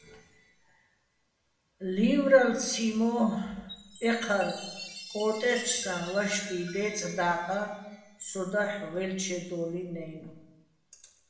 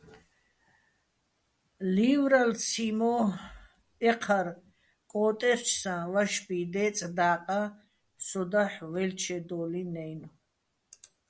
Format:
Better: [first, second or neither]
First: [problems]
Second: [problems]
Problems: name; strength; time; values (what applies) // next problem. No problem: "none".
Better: second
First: background sound (Chime); 18 dB below the speech // room echo; dies away in 0.9 s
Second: none